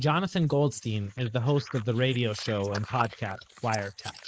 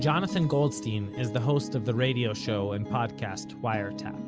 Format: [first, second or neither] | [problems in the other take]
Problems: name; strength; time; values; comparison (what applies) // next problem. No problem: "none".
second | noise reduction (neural mask model Resemble Enhance denoiser)